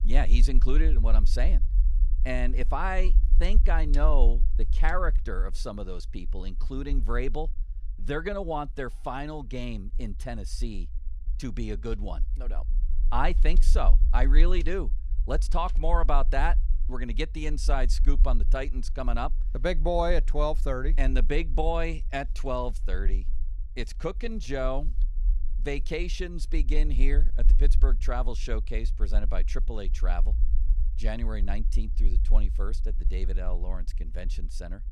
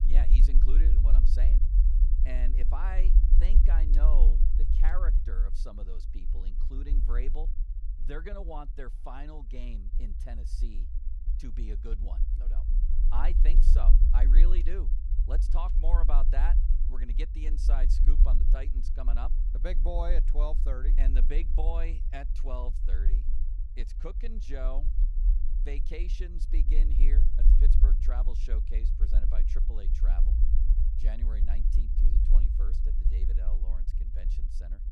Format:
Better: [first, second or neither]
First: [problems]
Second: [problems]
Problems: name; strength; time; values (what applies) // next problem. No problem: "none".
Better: first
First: low rumble; faint; throughout; 20 dB below the speech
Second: low rumble; loud; throughout; 7 dB below the speech